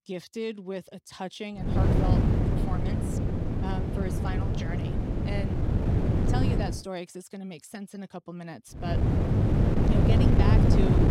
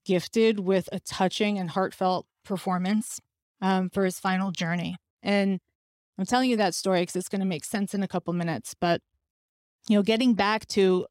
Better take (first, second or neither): second